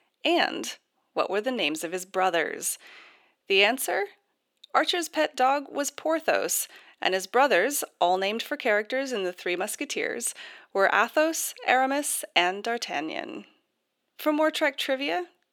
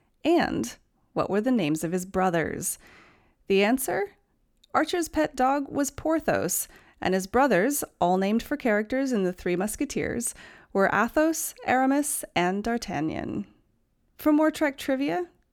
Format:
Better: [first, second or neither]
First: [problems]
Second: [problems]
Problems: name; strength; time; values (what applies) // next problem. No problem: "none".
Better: second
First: thin; somewhat; fading below 500 Hz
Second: none